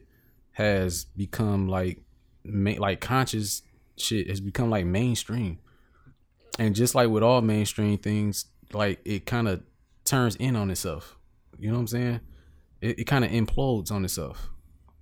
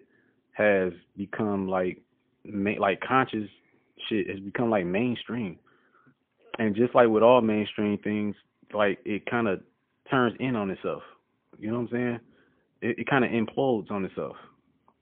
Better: first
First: none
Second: phone-call audio; poor line; nothing above 3.5 kHz

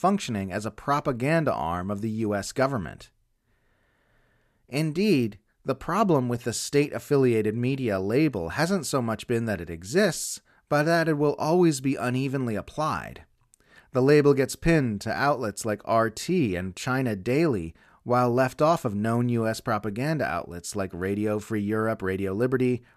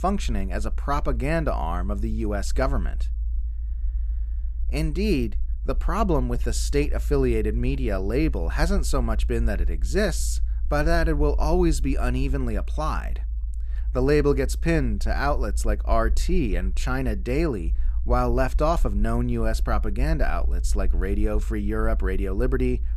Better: first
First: none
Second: low rumble; faint; throughout; 25 dB below the speech

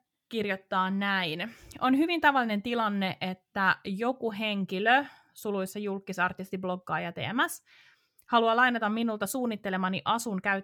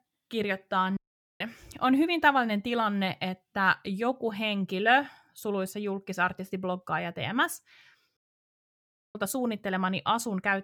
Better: first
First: none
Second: audio cutting out; at 1 s and at 8 s for 1 s

